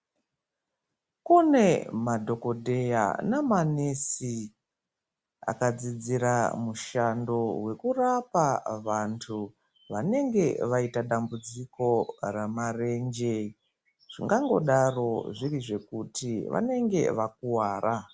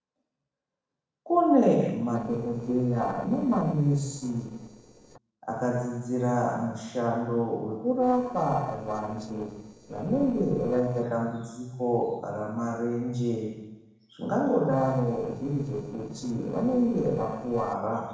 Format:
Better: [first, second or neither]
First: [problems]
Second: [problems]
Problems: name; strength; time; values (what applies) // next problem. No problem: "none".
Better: first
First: none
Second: noise reduction (neural separator model SepFormer DNS4)